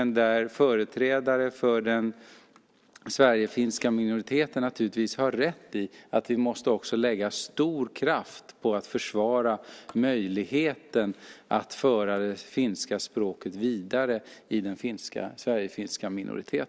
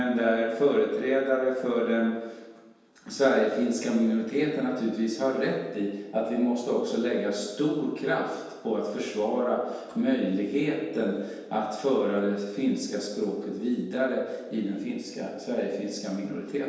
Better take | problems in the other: first | room echo; dies away in 1.2 s

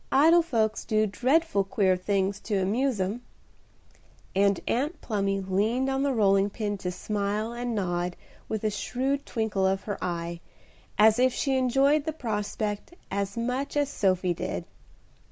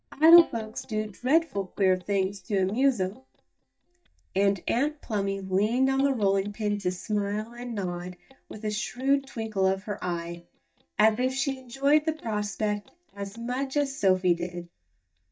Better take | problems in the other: first | noise reduction (neural mask model DeepFilterNet 3)

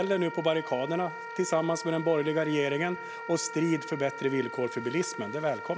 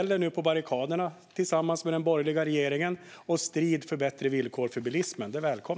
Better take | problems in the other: second | background sound (Wind instrument, woodwind instrument); 10 dB below the speech

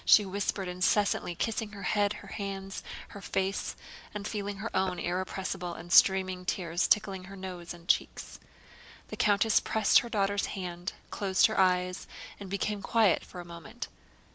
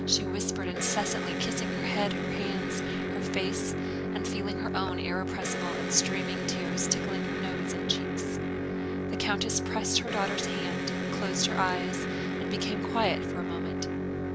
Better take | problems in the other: first | background sound (Electric guitar); 3 dB above the speech

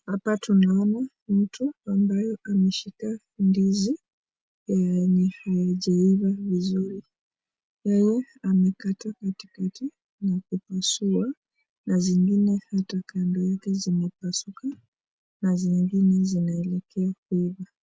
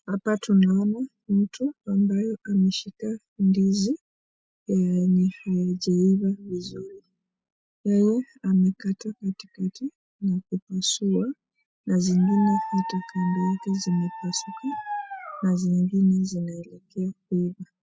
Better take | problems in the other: first | noise reduction (classical method spectral subtraction)

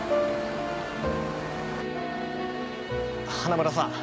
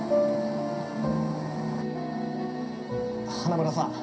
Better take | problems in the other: first | room echo; dies away in 0.3 s

